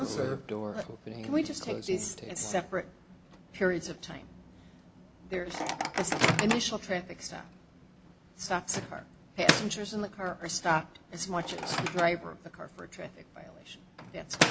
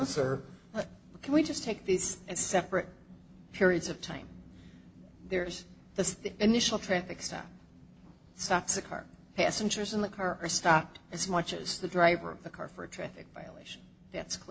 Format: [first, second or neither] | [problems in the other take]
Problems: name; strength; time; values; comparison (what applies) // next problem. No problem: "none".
second | background sound (Microwave oven); 1 dB below the speech